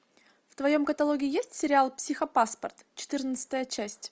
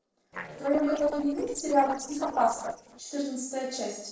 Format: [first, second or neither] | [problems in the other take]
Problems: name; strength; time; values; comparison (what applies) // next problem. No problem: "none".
first | noise reduction (neural separator model SepFormer DNS4)